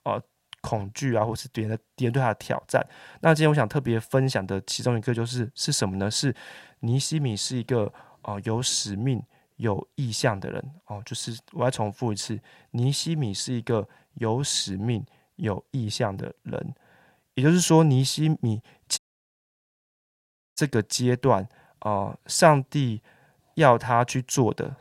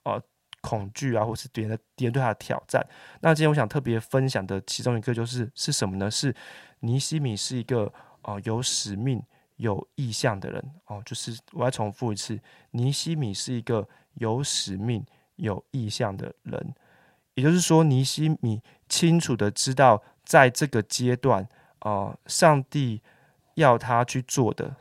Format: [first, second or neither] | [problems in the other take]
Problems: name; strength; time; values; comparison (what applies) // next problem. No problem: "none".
second | audio cutting out; at 19 s for 1.5 s